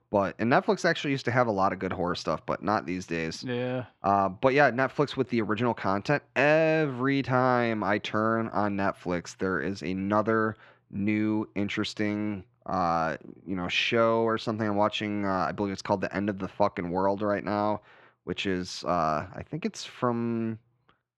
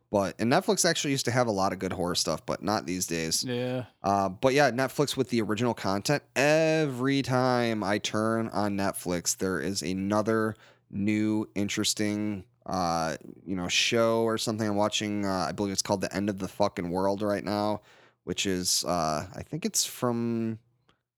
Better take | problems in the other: second | muffled; slightly; fading above 2.5 kHz

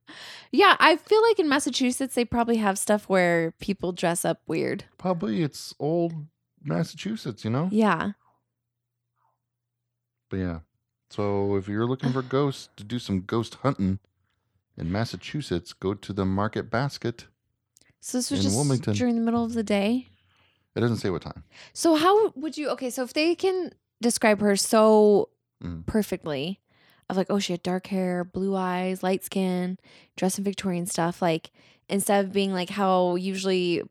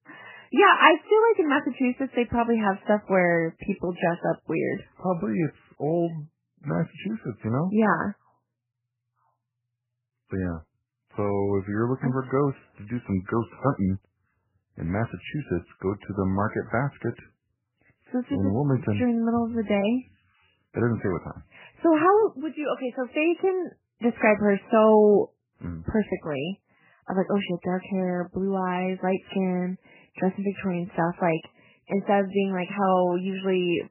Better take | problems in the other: first | garbled, watery; badly; nothing above 3 kHz

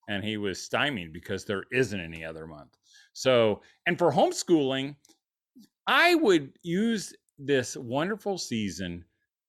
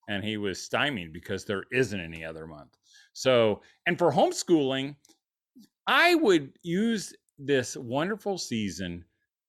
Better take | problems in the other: neither | none

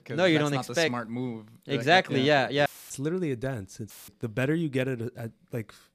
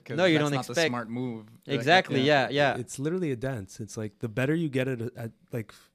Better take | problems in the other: second | audio cutting out; filled with static; at 2.5 s and at 4 s

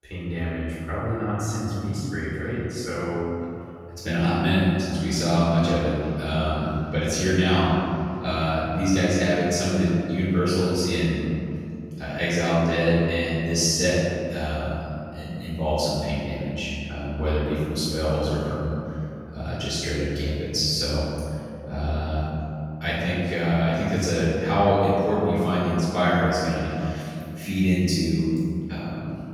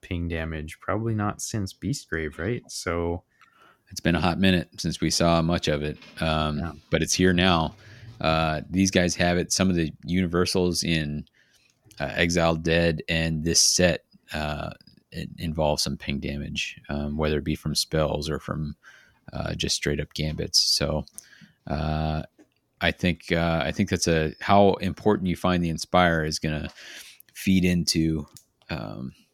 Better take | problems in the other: second | off-mic speech; far // room echo; strong; dies away in 2.7 s

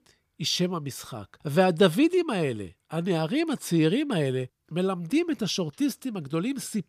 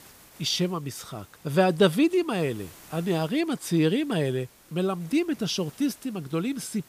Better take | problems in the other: first | hiss; faint; throughout; 25 dB below the speech

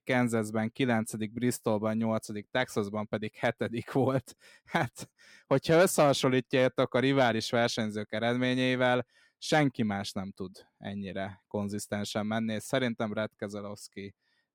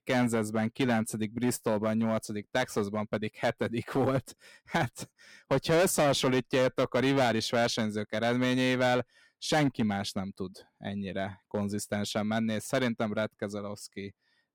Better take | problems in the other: first | distortion; slight; 6% of the sound clipped

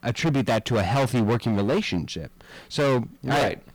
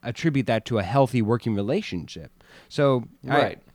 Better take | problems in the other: second | distortion; heavy; 20% of the sound clipped

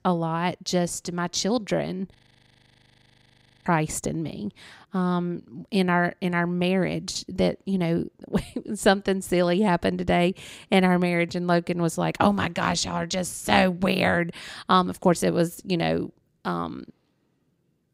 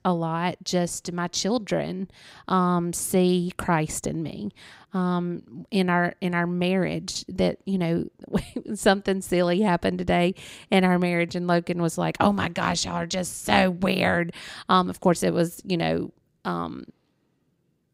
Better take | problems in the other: second | audio freezing; at 2 s for 1.5 s

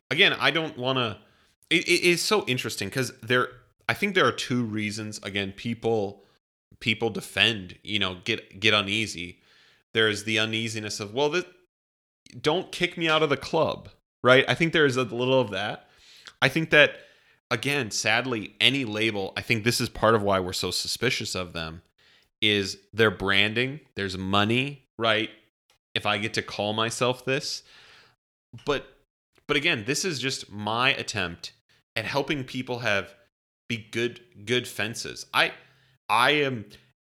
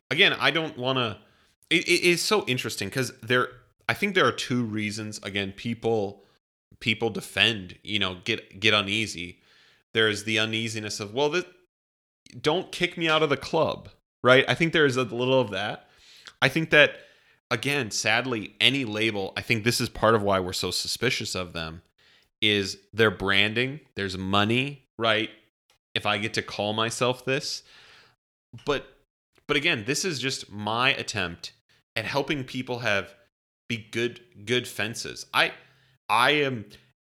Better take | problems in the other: neither | none

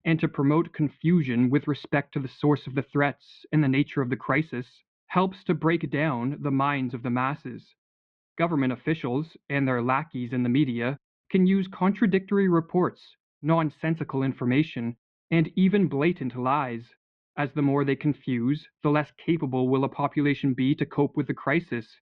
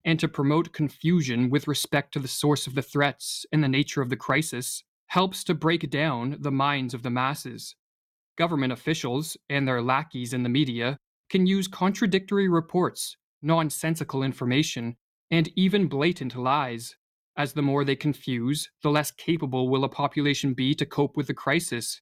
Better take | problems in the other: second | muffled; very; fading above 2.5 kHz

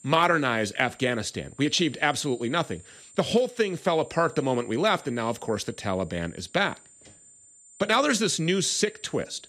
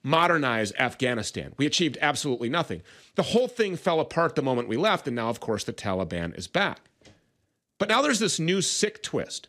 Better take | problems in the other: second | high-pitched whine; faint; throughout; 7 kHz, 25 dB below the speech

